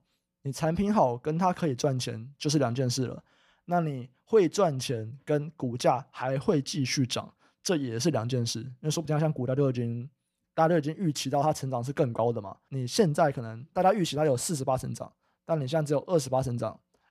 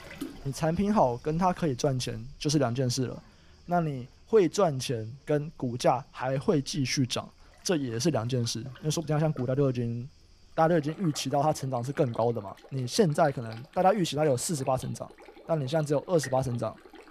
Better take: first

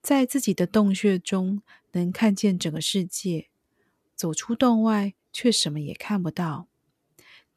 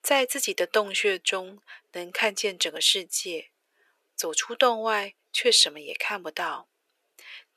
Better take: first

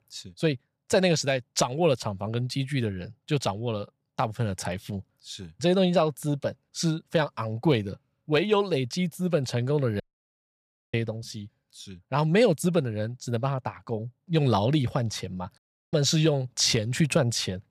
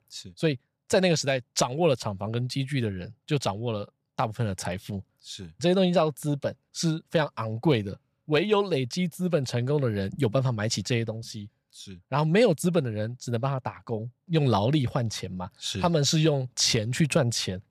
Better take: second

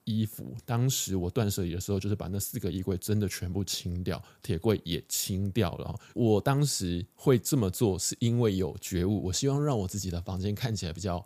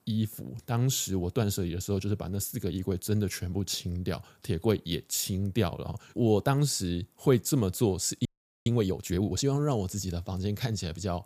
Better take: first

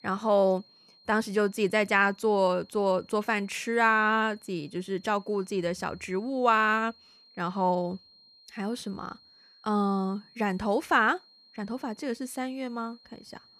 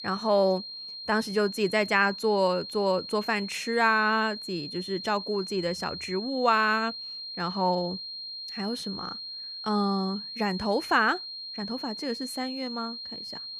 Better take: first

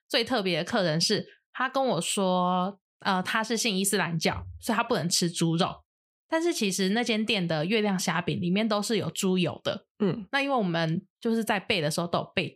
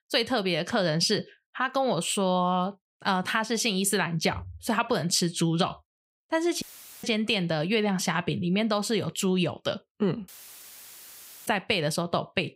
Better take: first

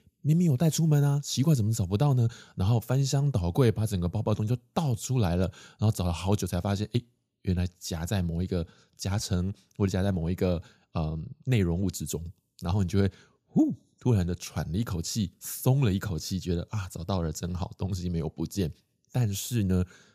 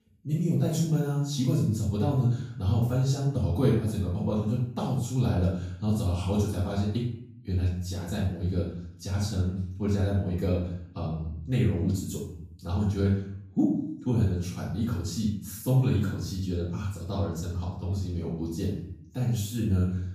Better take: first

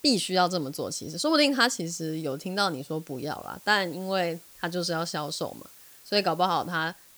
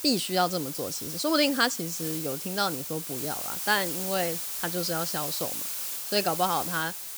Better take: first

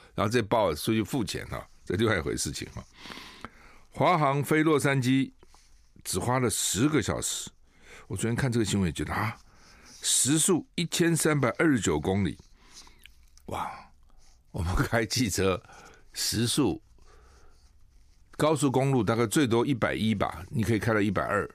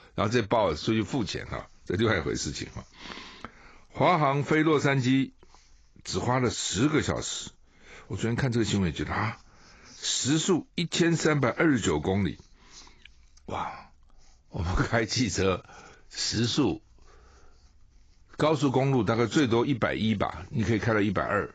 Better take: first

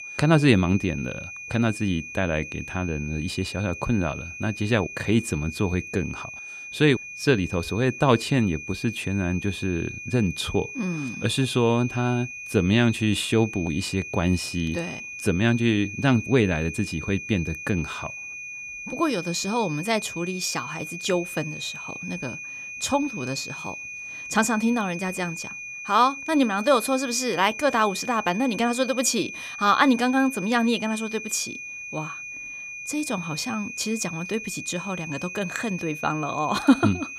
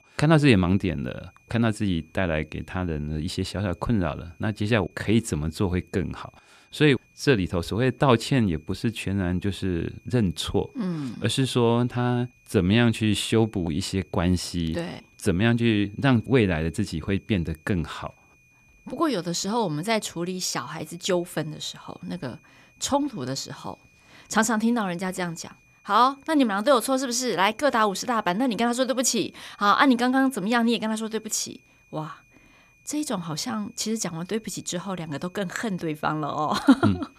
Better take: second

